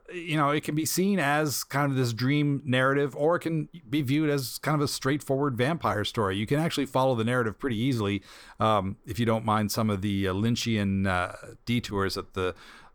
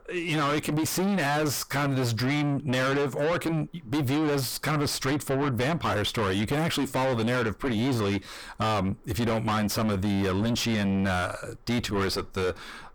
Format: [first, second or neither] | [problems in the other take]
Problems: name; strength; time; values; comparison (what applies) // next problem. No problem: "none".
first | distortion; heavy; 5 dB below the speech